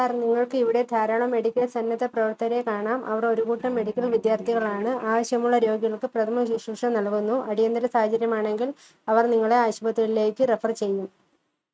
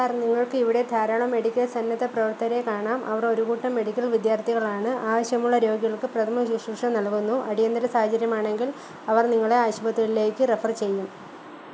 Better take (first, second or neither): second